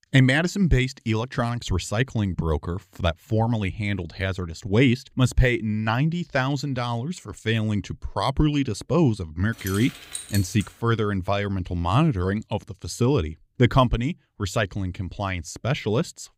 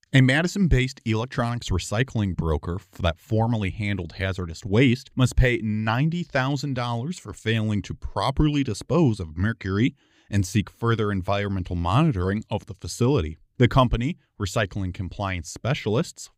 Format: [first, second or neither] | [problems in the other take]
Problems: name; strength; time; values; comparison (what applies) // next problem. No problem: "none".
second | jangling keys; noticeable; from 9.5 to 11 s; peak 8 dB below the speech